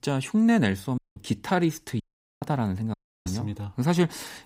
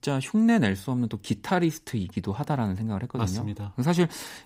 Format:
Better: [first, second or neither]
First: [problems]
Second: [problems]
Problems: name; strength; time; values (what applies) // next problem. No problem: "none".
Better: second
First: audio cutting out; at 1 s, at 2 s and at 3 s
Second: none